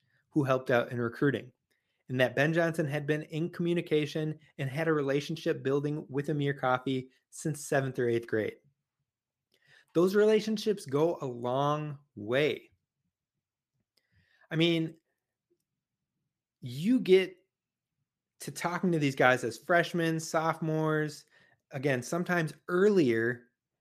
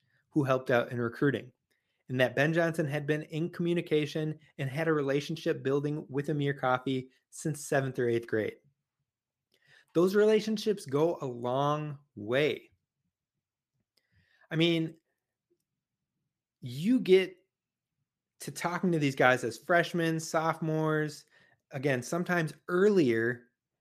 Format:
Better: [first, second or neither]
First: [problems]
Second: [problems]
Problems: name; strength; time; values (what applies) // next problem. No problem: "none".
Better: neither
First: none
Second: none